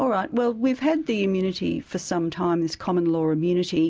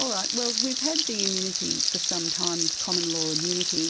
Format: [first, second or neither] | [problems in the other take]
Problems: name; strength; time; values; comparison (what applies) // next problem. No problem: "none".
first | background sound (Frying (food)); 5 dB above the speech